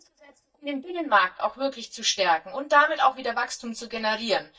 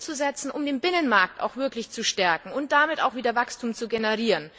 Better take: second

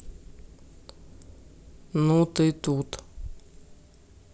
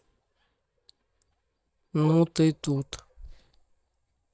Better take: first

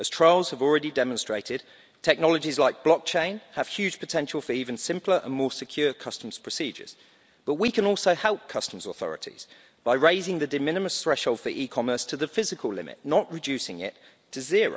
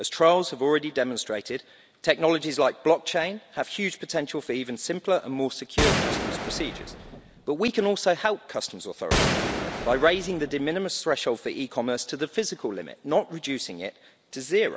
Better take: first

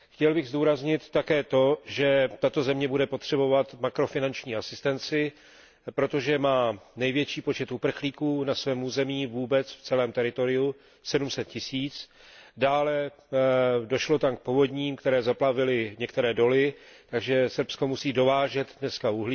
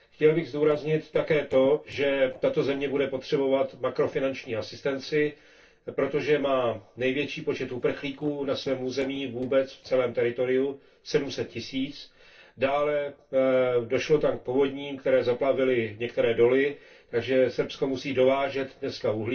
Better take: first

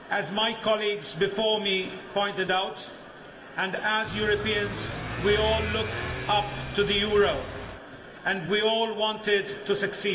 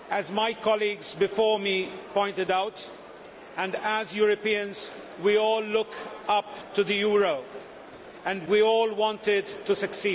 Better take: second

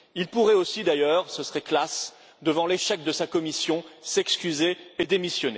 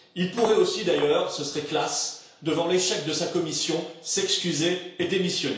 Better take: first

